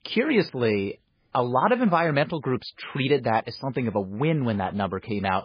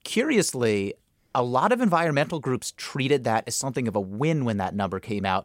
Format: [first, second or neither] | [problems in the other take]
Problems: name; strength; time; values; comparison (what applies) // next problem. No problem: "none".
second | garbled, watery; badly; nothing above 5 kHz